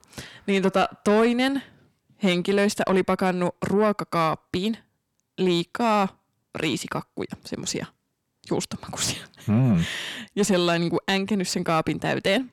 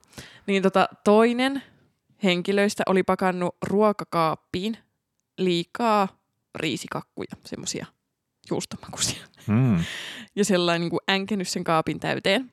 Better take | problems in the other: second | distortion; slight; 10 dB below the speech

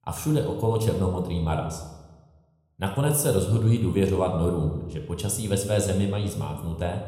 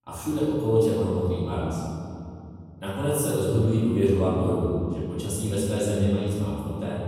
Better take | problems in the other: first | room echo; strong; dies away in 2.3 s; slight in the first // off-mic speech; far

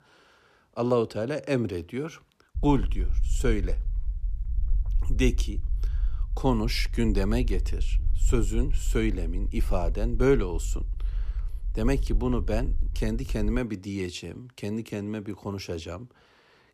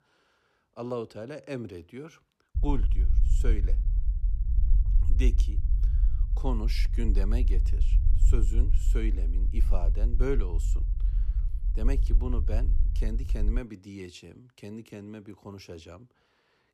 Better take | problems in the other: first | low rumble; loud; from 2.5 to 14 s; 10 dB below the speech; faint in the first

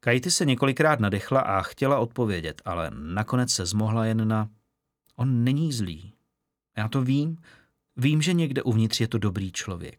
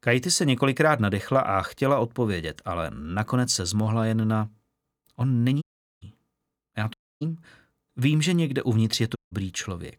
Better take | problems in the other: first | audio cutting out; at 5.5 s, at 7 s and at 9 s

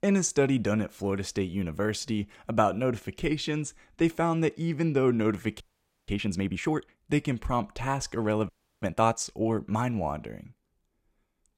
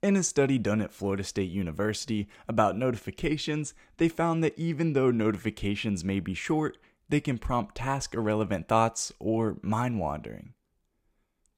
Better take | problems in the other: second | audio freezing; at 5.5 s and at 8.5 s

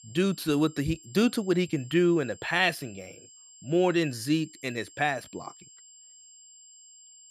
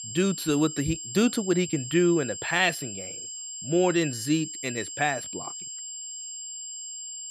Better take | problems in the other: first | high-pitched whine; loud; throughout; 7.5 kHz, 9 dB below the speech; faint in the first

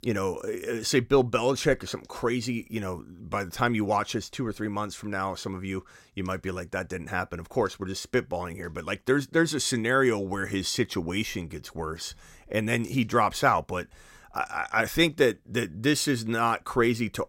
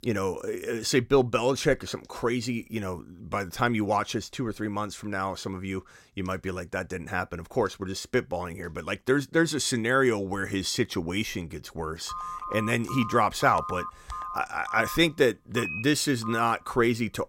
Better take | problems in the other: first | phone ringing; noticeable; from 12 to 17 s; peak 6 dB below the speech

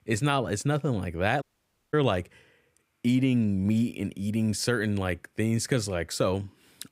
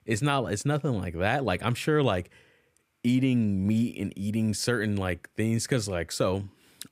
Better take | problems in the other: second | audio cutting out; at 1.5 s for 0.5 s

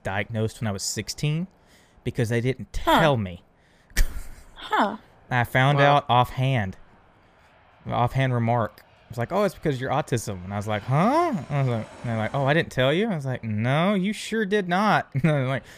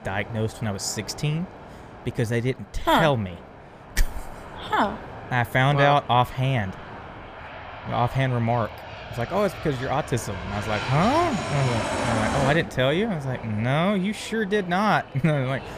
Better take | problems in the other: first | train or aircraft noise; loud; throughout; 10 dB below the speech; faint in the first

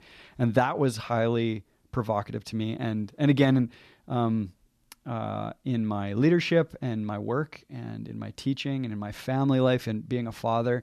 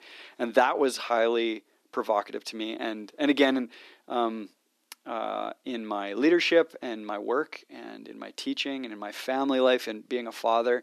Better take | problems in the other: first | thin; somewhat; fading below 300 Hz

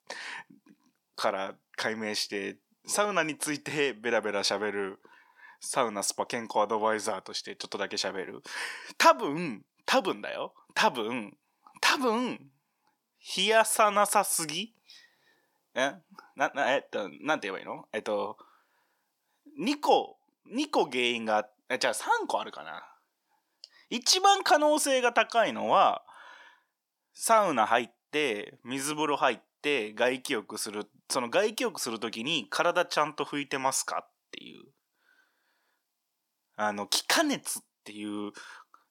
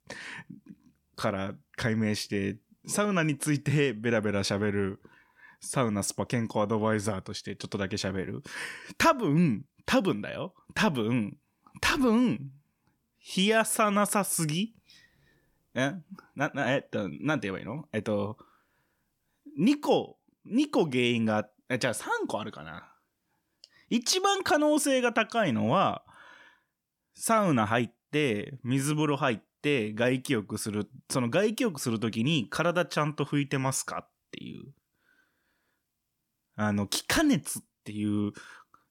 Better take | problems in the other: second | thin; somewhat; fading below 400 Hz

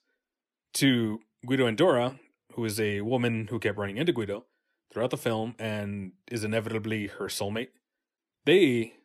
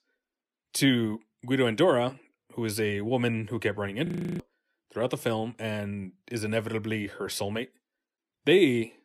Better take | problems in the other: first | audio freezing; at 4 s

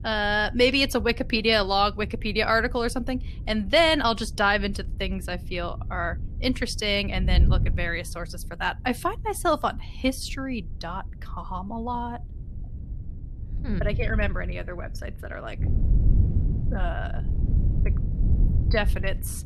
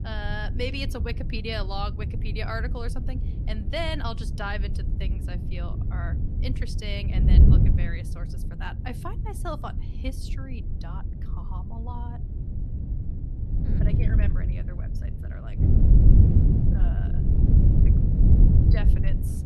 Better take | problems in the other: first | wind noise on the microphone; heavy; 3 dB below the speech; occasional gusts in the first

